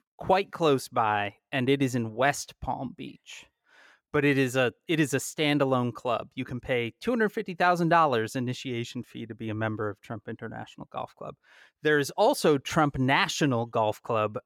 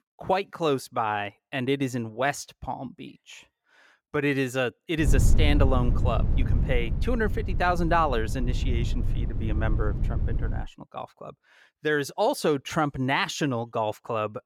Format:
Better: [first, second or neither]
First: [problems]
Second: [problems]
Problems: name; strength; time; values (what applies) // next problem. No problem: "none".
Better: first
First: none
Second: low rumble; noticeable; from 5 to 11 s; 15 dB below the speech